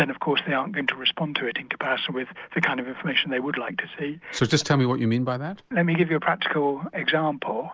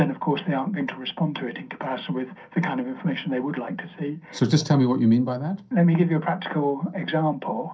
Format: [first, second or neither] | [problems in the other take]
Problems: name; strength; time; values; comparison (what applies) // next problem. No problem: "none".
first | room echo; dies away in 0.3 s